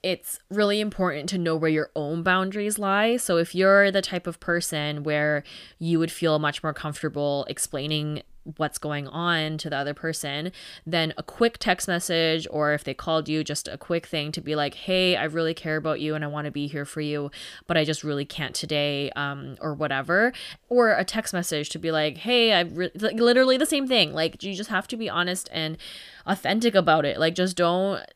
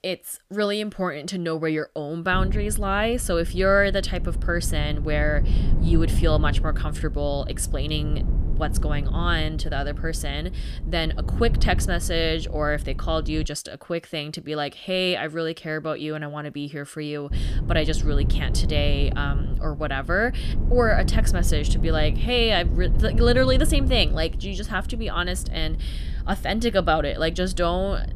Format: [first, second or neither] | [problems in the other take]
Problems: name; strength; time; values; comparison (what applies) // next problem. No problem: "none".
first | low rumble; noticeable; from 2.5 to 13 s and from 17 s on; 15 dB below the speech